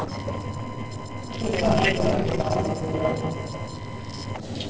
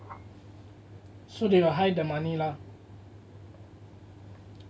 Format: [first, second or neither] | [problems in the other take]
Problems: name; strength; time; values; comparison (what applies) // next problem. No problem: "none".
second | noise reduction (neural separator model SepFormer DNS4)